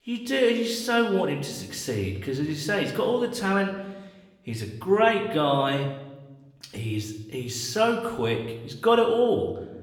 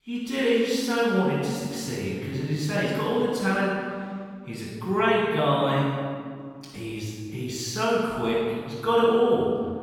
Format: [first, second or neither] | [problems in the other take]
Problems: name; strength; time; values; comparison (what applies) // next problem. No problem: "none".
first | room echo; strong; dies away in 1.8 s; slight in the first // off-mic speech; far; somewhat distant in the first